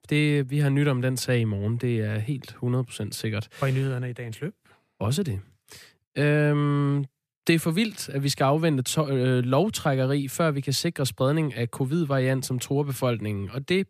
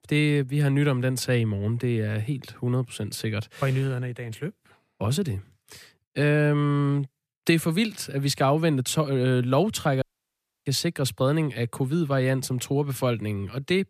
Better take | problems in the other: first | audio cutting out; at 10 s for 0.5 s

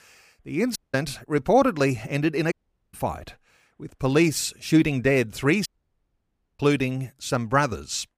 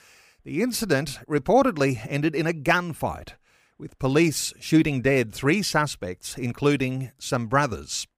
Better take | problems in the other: second | audio cutting out; at 1 s, at 2.5 s and at 5.5 s for 1 s

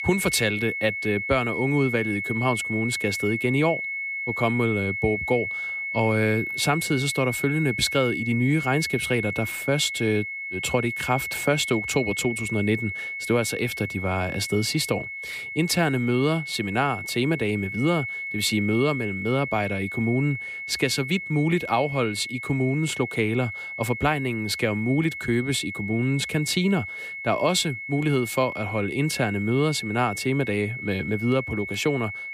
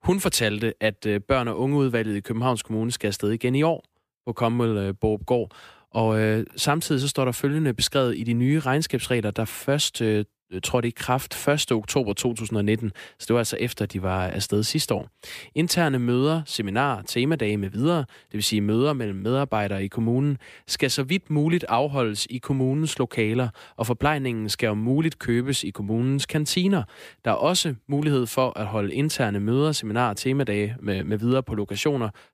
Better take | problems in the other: second | high-pitched whine; loud; throughout; 2 kHz, 5 dB below the speech

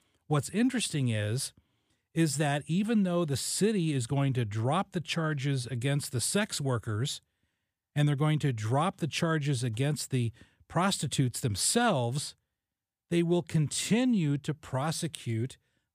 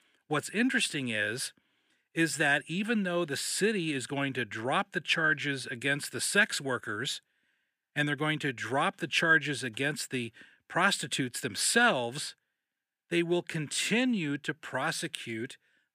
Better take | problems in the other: first | thin; somewhat; fading below 250 Hz

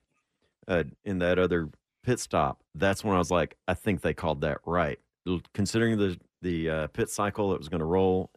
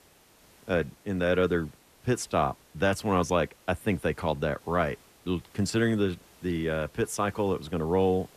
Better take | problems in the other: first | hiss; faint; throughout; 25 dB below the speech

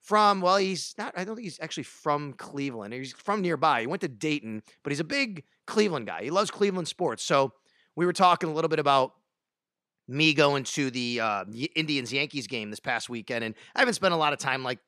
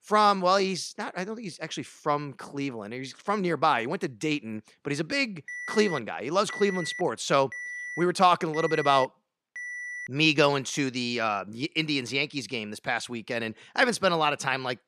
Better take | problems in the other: first | alarm; noticeable; from 5.5 to 10 s; peak 7 dB below the speech

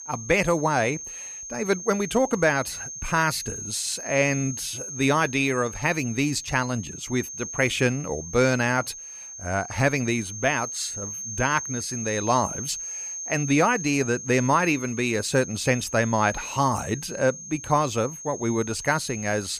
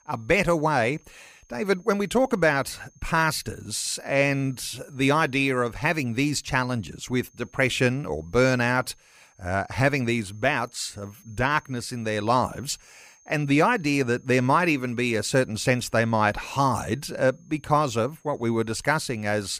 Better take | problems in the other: second | high-pitched whine; loud; throughout; 6.5 kHz, 9 dB below the speech; faint in the second

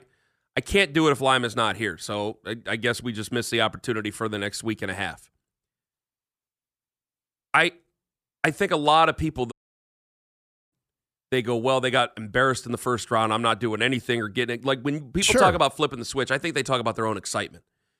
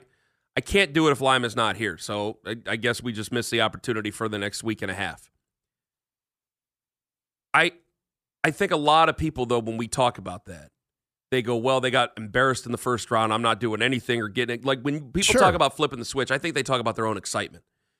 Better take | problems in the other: second | audio cutting out; at 9.5 s for 1 s

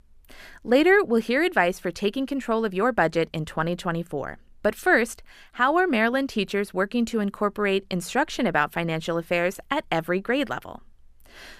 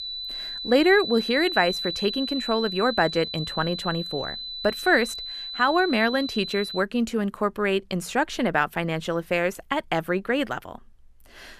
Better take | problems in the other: first | high-pitched whine; loud; until 7 s; 4 kHz, 6 dB below the speech

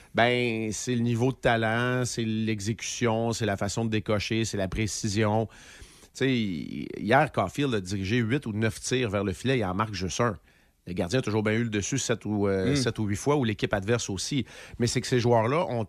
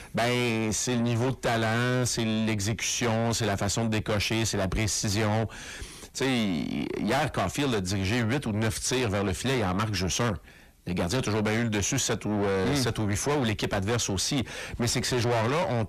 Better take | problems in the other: first | distortion; heavy; 6 dB below the speech

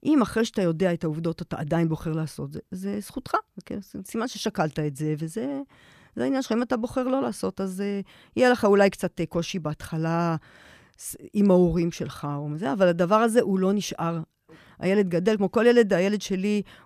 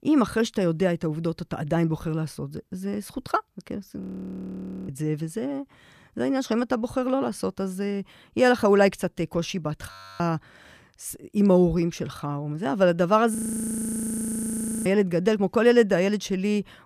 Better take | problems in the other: first | audio freezing; at 4 s for 1 s, at 10 s and at 13 s for 1.5 s

